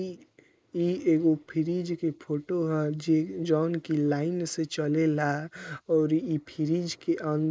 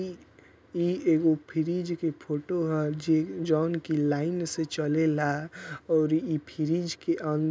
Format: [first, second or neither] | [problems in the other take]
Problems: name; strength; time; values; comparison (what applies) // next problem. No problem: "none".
second | noise reduction (neural mask model Resemble Enhance denoiser)